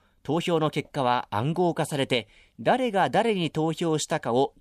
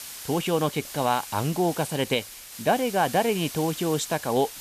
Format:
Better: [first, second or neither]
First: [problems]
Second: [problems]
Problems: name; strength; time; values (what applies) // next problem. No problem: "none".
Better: first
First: none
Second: hiss; noticeable; throughout; 10 dB below the speech